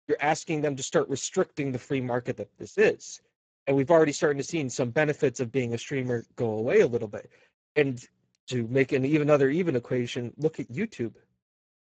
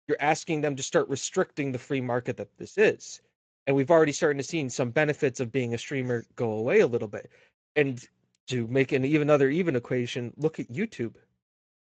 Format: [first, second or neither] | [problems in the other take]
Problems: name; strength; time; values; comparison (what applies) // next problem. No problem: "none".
second | garbled, watery; badly; nothing above 7.5 kHz; slightly in the second